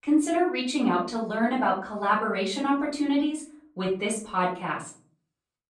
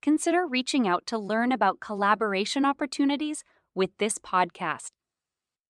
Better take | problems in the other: second | off-mic speech; far // room echo; slight; dies away in 0.4 s

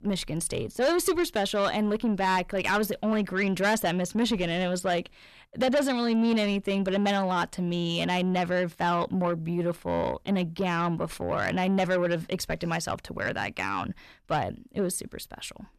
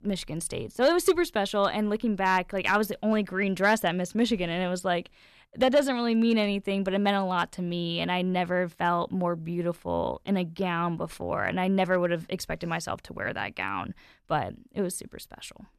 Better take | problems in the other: second | distortion; slight; 10 dB below the speech

